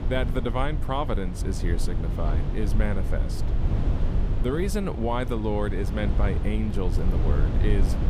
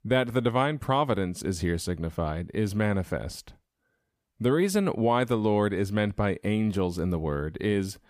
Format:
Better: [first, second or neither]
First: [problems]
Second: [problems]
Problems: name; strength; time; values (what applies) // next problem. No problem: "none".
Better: second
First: low rumble; loud; throughout; 8 dB below the speech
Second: none